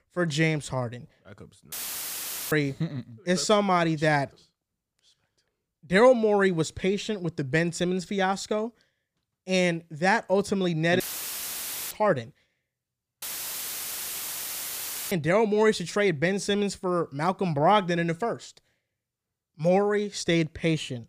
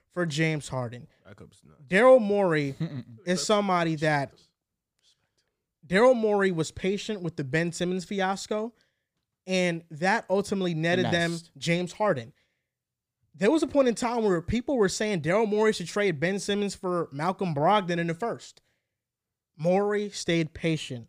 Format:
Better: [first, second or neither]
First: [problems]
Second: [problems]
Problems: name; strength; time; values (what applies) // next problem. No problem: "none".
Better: second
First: audio cutting out; filled with static; at 1.5 s for 1 s, at 11 s for 1 s and at 13 s for 2 s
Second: none